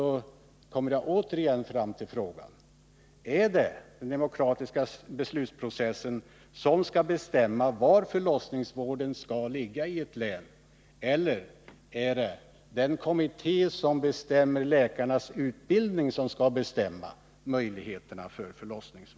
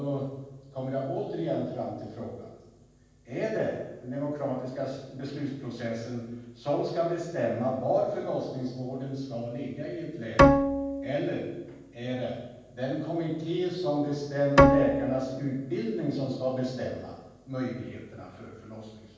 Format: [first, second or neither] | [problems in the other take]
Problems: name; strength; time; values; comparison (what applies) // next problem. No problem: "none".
first | background sound (Bowed string instrument); 5 dB above the speech // room echo; dies away in 1.2 s